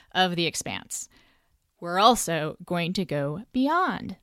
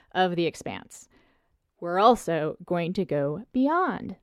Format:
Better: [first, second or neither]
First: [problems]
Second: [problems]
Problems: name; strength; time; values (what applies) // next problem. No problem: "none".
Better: first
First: none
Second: muffled; slightly; fading above 3 kHz